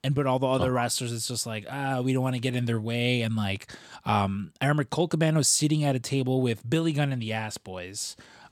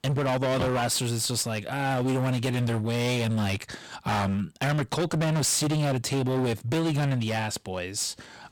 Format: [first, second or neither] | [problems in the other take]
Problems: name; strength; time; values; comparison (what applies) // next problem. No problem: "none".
first | distortion; heavy; 29% of the sound clipped